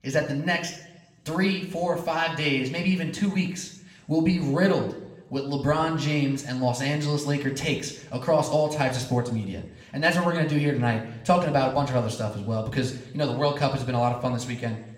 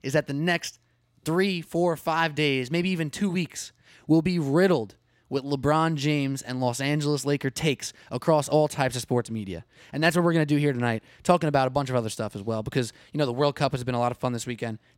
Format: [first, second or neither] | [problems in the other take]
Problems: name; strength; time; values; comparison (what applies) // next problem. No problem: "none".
second | room echo; slight; dies away in 0.7 s // off-mic speech; somewhat distant